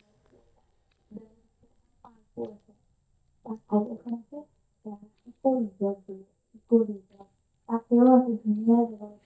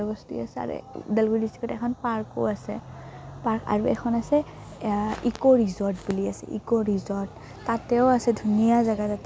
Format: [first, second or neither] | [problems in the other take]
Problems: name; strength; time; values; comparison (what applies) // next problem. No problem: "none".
second | noise reduction (neural mask model DeepFilterNet 3)